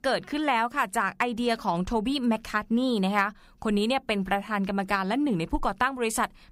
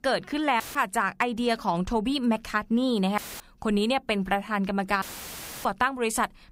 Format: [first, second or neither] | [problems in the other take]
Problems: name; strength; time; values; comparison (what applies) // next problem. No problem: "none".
first | audio cutting out; filled with static; at 0.5 s, at 3 s and at 5 s for 0.5 s